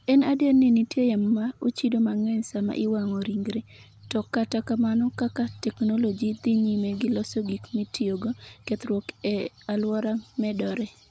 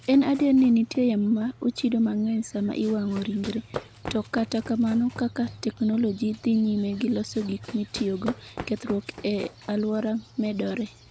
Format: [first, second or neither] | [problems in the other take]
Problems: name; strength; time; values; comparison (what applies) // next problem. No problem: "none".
first | background sound (Run); 18 dB below the speech